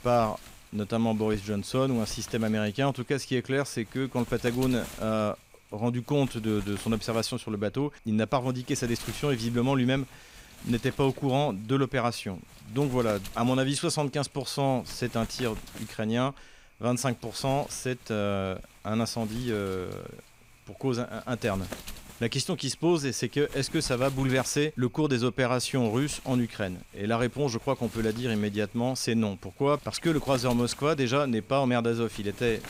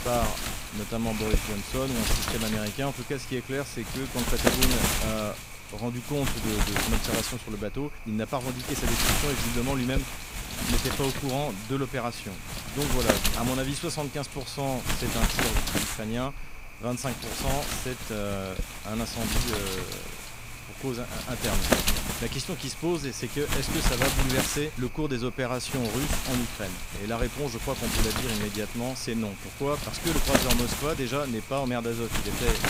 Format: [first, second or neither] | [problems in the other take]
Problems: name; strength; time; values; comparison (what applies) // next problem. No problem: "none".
first | wind noise on the microphone; heavy; 2 dB above the speech; occasional gusts in the first